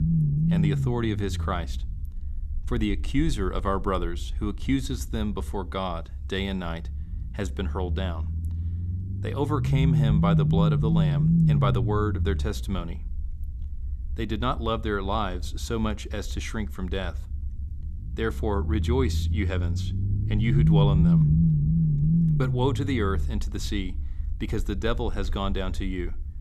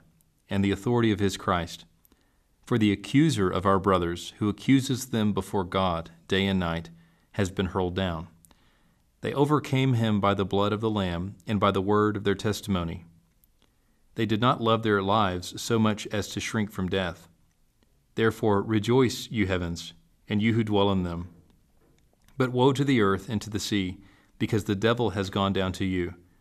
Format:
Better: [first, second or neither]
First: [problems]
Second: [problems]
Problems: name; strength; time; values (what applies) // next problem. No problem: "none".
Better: second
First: low rumble; loud; throughout; 3 dB below the speech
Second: none